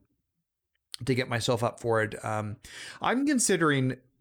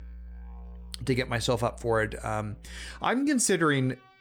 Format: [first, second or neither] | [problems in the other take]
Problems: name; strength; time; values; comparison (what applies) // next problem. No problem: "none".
first | background music; faint; throughout; 20 dB below the speech